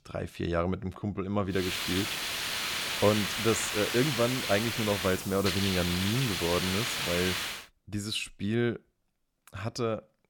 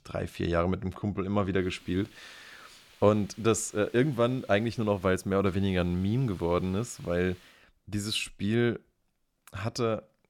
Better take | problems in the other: second | hiss; loud; from 1.5 to 7.5 s; as loud as the speech; faint in the second

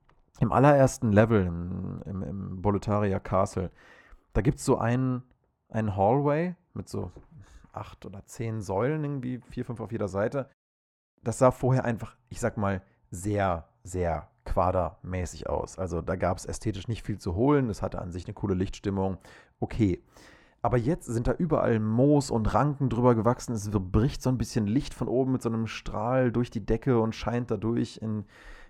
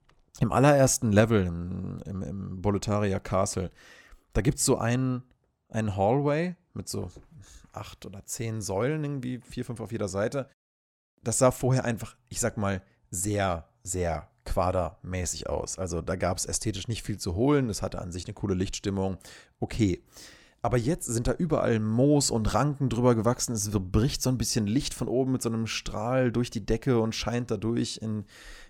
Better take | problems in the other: second | muffled; slightly; fading above 3 kHz

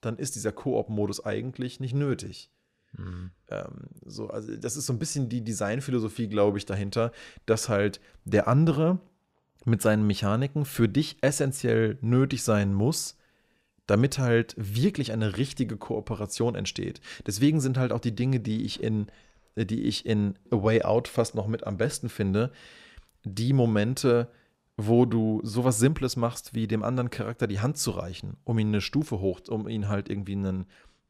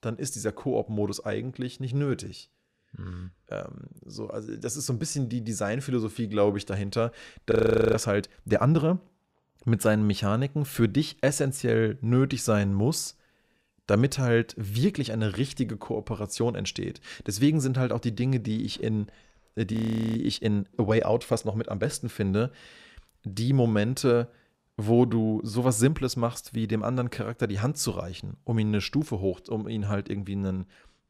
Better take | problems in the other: first | audio freezing; at 7.5 s and at 20 s

